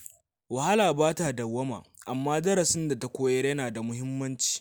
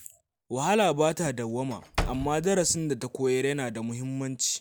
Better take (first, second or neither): first